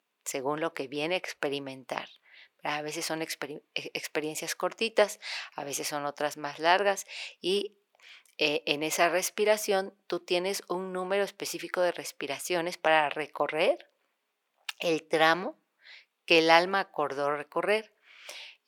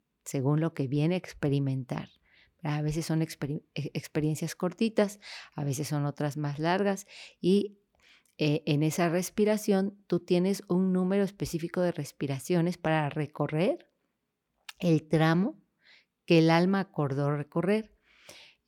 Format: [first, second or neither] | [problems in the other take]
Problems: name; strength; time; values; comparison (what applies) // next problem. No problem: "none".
second | thin; very; fading below 650 Hz